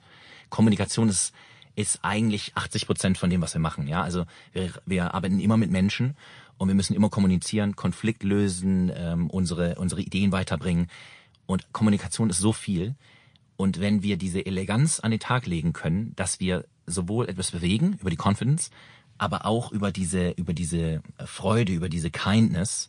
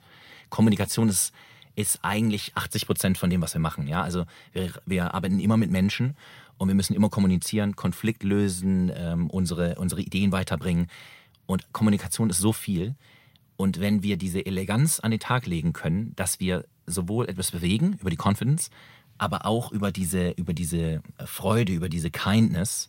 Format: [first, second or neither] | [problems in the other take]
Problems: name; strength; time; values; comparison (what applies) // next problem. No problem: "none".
second | garbled, watery; slightly